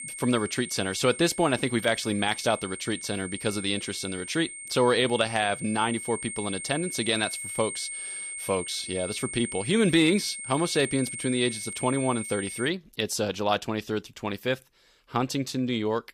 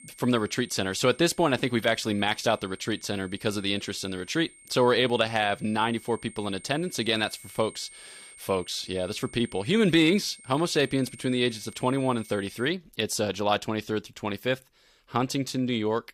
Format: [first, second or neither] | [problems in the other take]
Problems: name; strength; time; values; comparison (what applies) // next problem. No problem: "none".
second | high-pitched whine; loud; until 13 s; 8.5 kHz, 8 dB below the speech; faint in the second